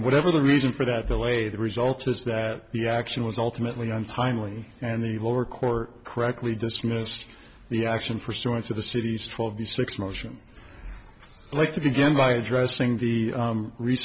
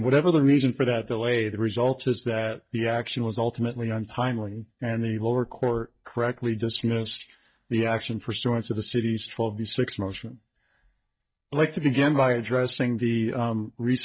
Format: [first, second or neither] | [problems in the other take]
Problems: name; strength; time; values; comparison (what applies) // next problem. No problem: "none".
first | noise reduction (neural mask model DeepFilterNet 3)